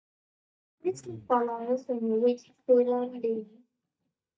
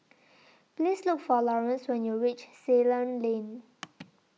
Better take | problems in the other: second | noise reduction (neural mask model DeepFilterNet 3)

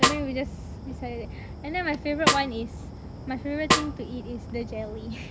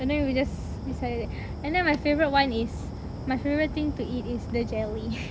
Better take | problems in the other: second | background sound (Snare drum); 2 dB above the speech

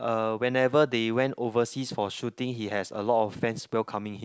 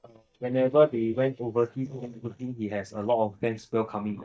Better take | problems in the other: first | noise reduction (neural mask model DeepFilterNet 3)

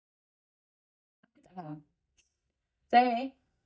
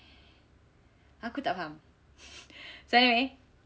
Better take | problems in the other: second | noise reduction (neural mask model DeepFilterNet 3)

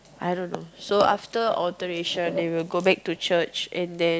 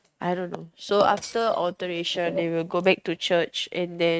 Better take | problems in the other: first | noise reduction (neural mask model RNNoise)

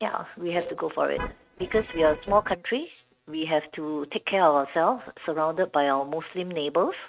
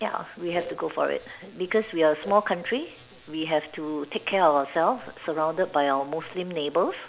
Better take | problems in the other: second | noise reduction (neural mask model RNNoise)

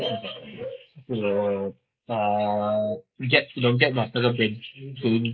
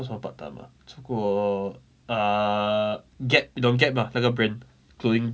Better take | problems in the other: second | noise reduction (neural mask model Resemble Enhance denoiser)

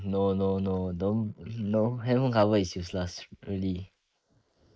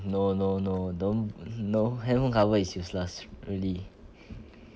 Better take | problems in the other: second | noise reduction (neural mask model Resemble Enhance denoiser)

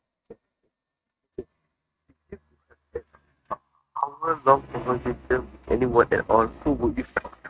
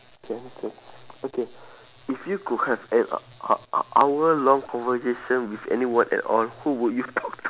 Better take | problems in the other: second | noise reduction (neural mask model RNNoise)

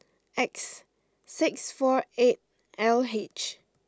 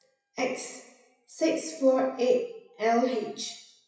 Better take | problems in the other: first | noise reduction (classical method WPE with log-MMSE)

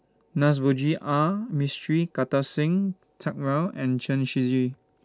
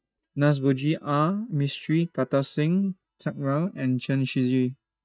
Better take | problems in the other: first | noise reduction (neural mask model DeepFilterNet 3)

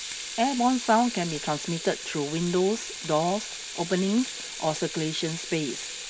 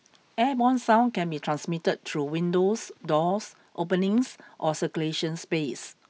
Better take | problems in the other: second | background sound (Sink (filling or washing) / Water tap, faucet); 9 dB below the speech

